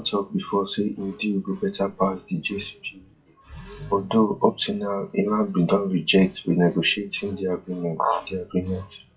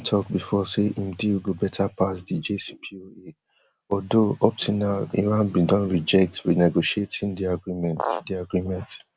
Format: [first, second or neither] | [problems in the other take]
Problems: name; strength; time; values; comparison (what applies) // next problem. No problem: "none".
second | noise reduction (classical method WPE with log-MMSE)